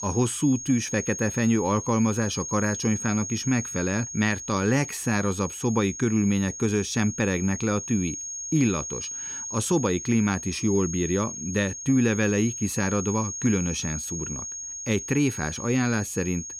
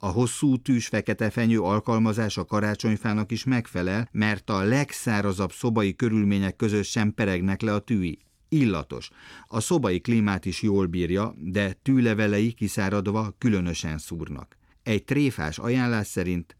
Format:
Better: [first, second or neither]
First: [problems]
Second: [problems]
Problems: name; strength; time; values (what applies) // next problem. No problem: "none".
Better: second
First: high-pitched whine; loud; throughout; 6.5 kHz, 7 dB below the speech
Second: none